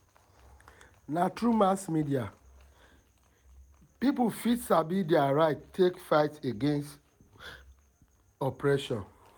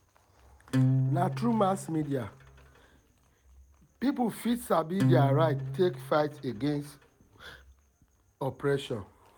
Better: first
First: none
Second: background sound (Acoustic guitar); as loud as the speech

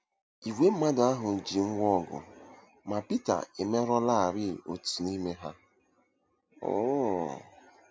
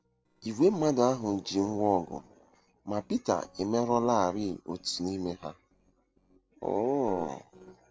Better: first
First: none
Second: noise reduction (neural separator model SepFormer DNS4)

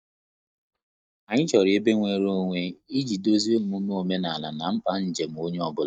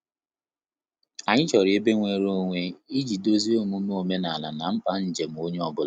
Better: second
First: noise reduction (neural mask model DeepFilterNet 3)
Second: none

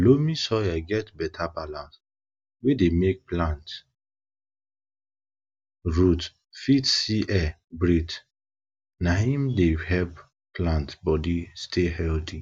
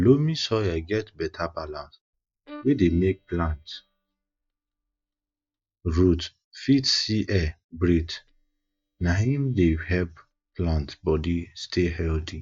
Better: first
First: none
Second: noise reduction (neural mask model DeepFilterNet 3)

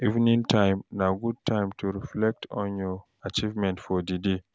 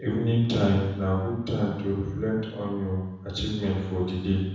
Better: first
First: none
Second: room echo; dies away in 1.1 s

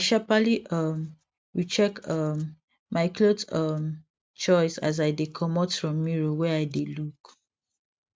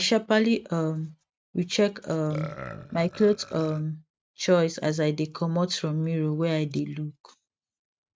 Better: first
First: none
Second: noise reduction (neural mask model RNNoise)

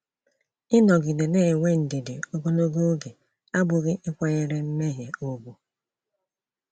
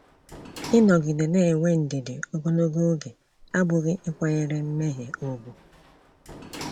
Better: first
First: none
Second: background sound (Sliding door); 20 dB below the speech

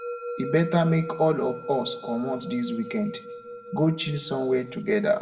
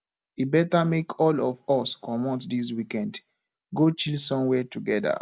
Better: second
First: background sound (Musical instrument); 11 dB below the speech // room echo; dies away in 1.1 s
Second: none

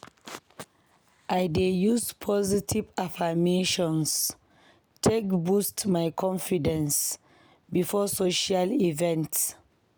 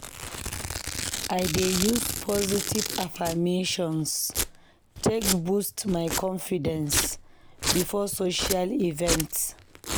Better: first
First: none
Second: background sound (Domestic sounds, home sounds); 4 dB below the speech

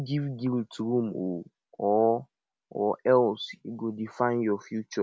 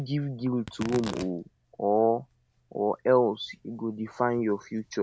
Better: first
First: none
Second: background sound (Tearing); 19 dB below the speech

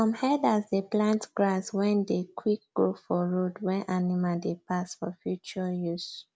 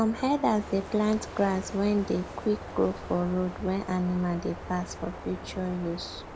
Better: first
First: none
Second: background sound (Wind + Vehicle horn, car horn, honking); 12 dB below the speech

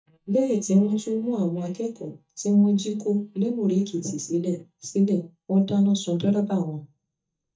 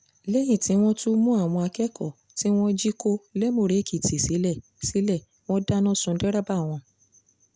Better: second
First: noise reduction (neural mask model DeepFilterNet 3)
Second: none

